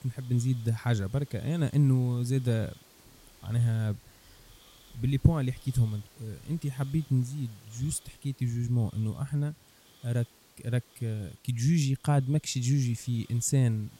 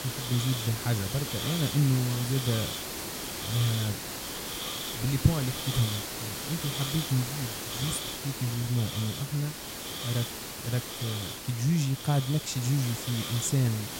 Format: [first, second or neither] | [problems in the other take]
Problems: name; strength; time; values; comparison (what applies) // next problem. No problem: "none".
first | hiss; loud; throughout; 4 dB below the speech; faint in the first